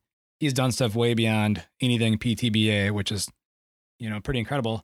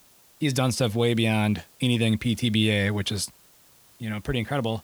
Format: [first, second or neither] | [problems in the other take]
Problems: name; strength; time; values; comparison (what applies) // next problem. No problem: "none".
first | hiss; faint; throughout; 30 dB below the speech